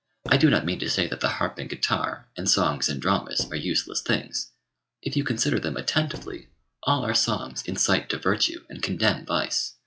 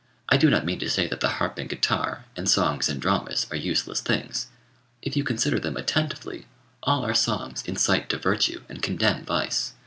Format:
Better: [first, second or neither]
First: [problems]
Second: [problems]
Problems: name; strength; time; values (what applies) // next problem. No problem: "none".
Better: second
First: noise reduction (classical method log-MMSE)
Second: none